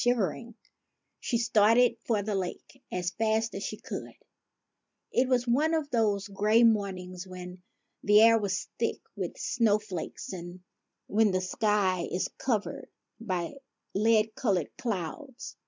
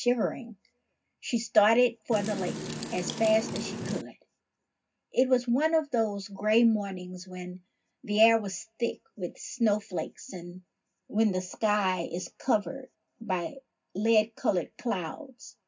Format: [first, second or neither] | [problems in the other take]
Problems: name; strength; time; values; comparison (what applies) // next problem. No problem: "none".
first | background sound (Wind); 6 dB below the speech // room echo; dies away in 0.4 s